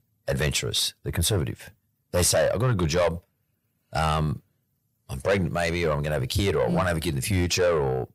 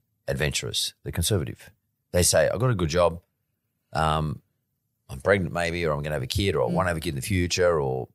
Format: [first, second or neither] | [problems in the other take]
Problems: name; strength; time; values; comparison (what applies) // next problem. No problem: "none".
second | distortion; slight; 10 dB below the speech